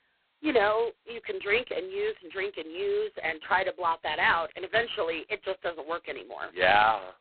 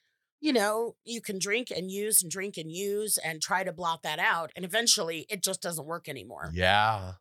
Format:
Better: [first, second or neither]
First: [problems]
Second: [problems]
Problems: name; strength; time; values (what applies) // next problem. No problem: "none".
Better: second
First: phone-call audio; poor line; nothing above 4 kHz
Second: none